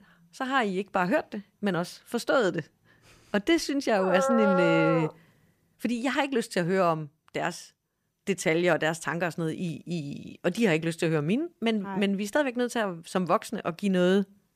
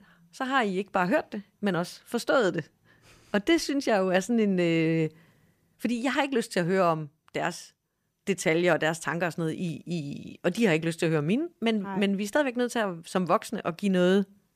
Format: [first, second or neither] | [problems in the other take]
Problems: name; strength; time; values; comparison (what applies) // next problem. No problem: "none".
second | dog barking; loud; from 4 to 5 s; peak 2 dB above the speech